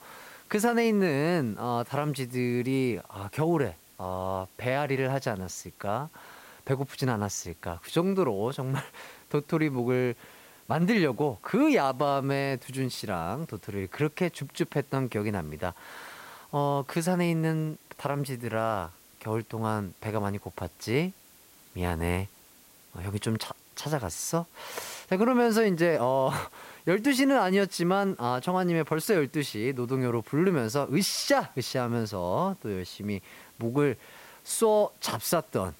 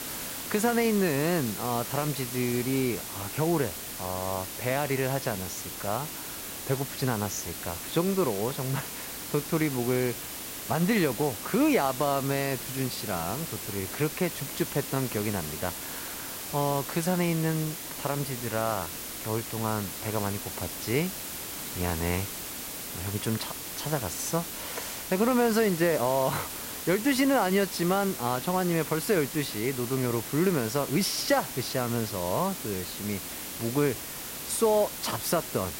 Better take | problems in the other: first | hiss; loud; throughout; 6 dB below the speech; faint in the first

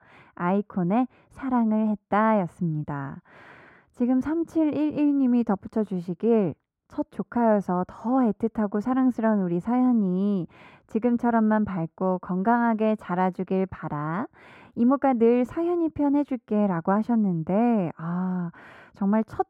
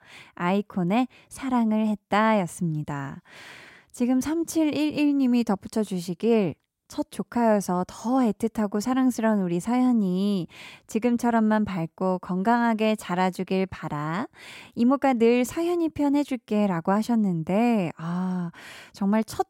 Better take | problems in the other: second | muffled; very; fading above 2.5 kHz

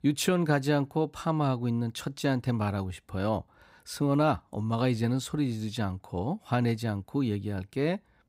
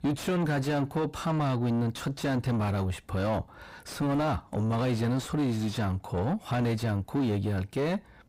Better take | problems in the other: first | distortion; heavy; 6 dB below the speech

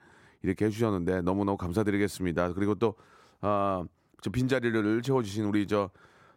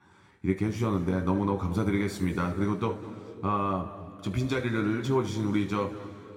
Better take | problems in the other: first | room echo; noticeable; dies away in 2.1 s // off-mic speech; somewhat distant

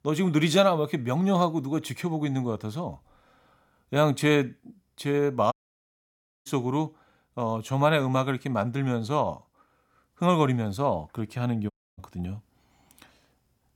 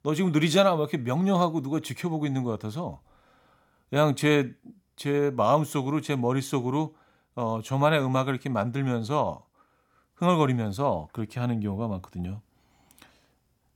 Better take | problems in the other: second | audio cutting out; at 5.5 s for 1 s and at 12 s

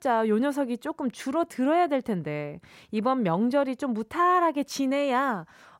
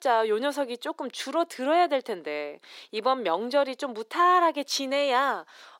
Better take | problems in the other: first | thin; somewhat; fading below 350 Hz

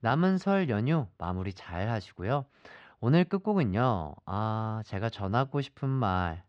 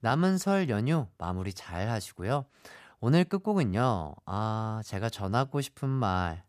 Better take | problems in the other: second | muffled; slightly; fading above 4 kHz

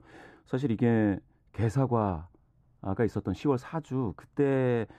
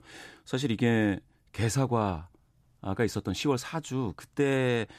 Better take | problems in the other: second | muffled; slightly; fading above 2 kHz

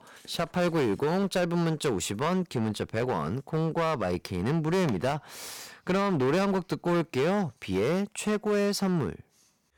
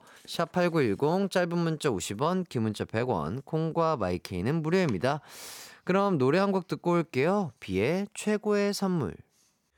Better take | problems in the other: second | distortion; slight; 13% of the sound clipped

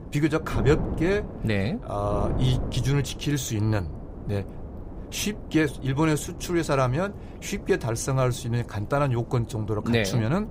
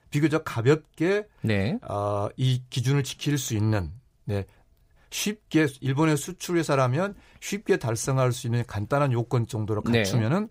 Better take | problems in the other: second | wind noise on the microphone; occasional gusts; 15 dB below the speech

